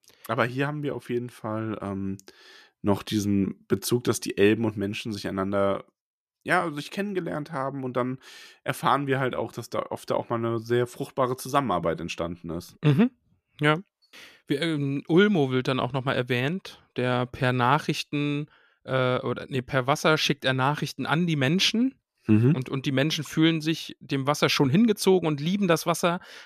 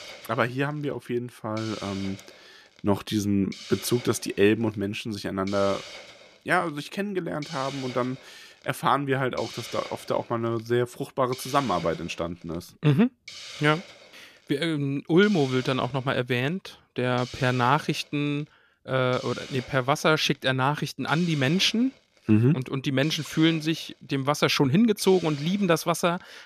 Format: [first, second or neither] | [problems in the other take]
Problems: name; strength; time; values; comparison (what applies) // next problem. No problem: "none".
first | hiss; noticeable; throughout; 15 dB below the speech